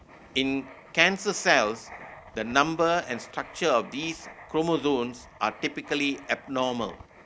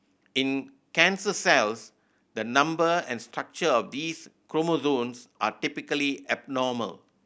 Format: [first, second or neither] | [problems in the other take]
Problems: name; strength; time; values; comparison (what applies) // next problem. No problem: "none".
second | background sound (Writing); 20 dB below the speech